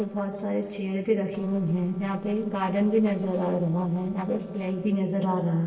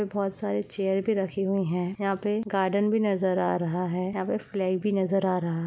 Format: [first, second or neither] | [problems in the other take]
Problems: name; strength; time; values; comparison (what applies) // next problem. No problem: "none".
second | noise reduction (neural separator model SepFormer DNS4)